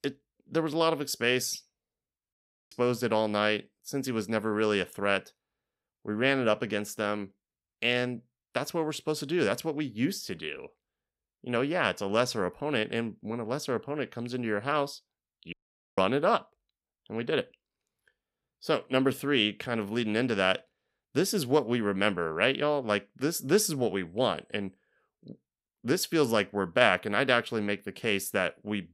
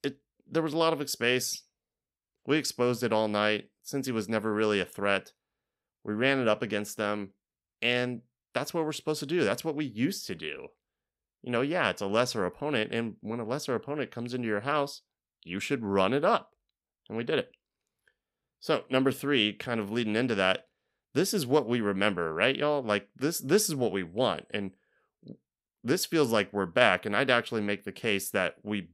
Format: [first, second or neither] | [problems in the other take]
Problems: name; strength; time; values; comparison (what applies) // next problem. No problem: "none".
second | audio cutting out; at 2.5 s and at 16 s